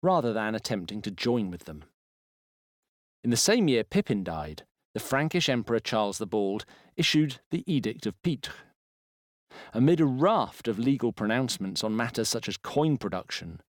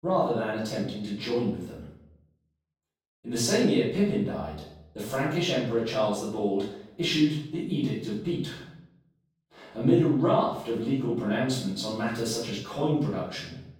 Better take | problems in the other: first | off-mic speech; far // room echo; noticeable; dies away in 0.6 s

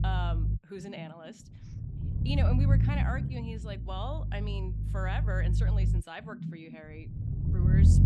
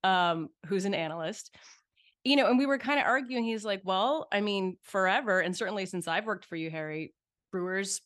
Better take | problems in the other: second | low rumble; loud; throughout; 3 dB below the speech

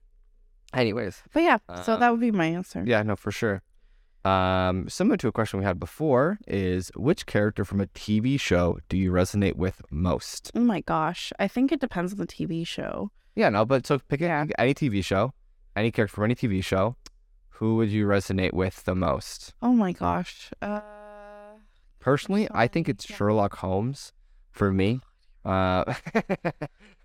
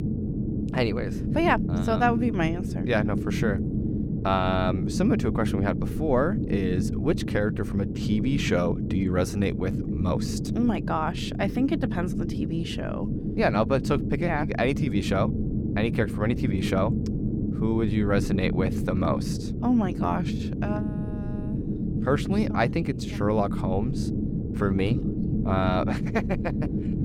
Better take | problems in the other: first | low rumble; loud; throughout; 7 dB below the speech

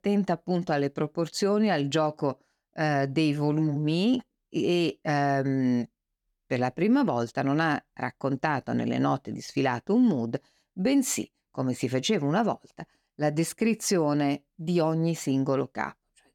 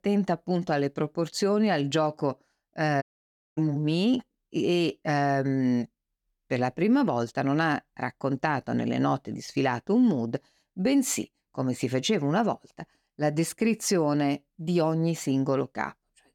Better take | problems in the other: first | audio cutting out; at 3 s for 0.5 s

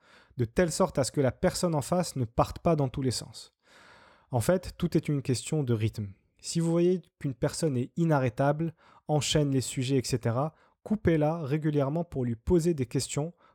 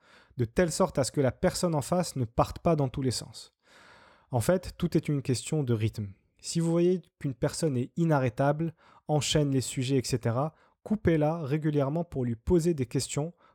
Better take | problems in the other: neither | none

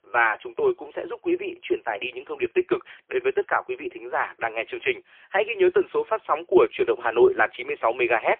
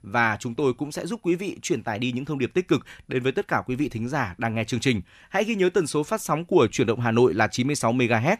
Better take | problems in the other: second | phone-call audio; poor line

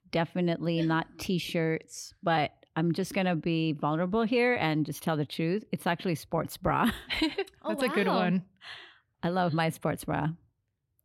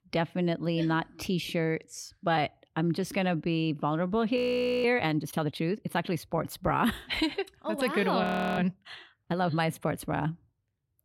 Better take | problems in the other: first | audio freezing; at 4.5 s and at 8 s

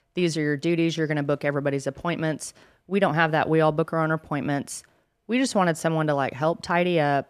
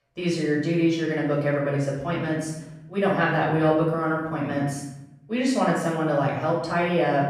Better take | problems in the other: first | off-mic speech; far // room echo; noticeable; dies away in 0.9 s

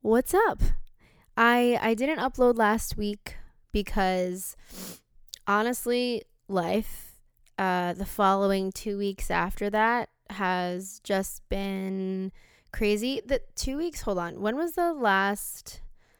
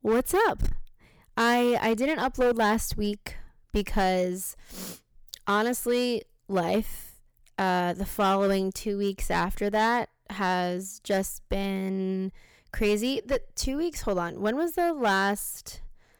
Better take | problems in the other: first | distortion; slight; 6% of the sound clipped

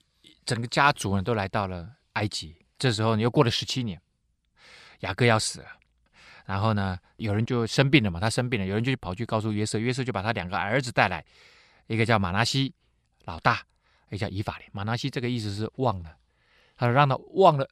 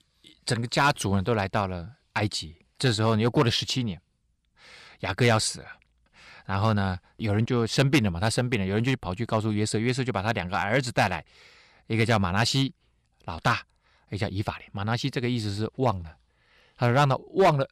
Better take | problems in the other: first | distortion; slight; 1.6% of the sound clipped

